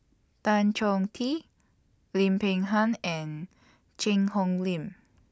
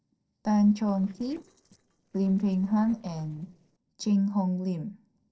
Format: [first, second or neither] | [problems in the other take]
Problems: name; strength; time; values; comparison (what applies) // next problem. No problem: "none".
first | noise reduction (neural separator model SepFormer DNS4)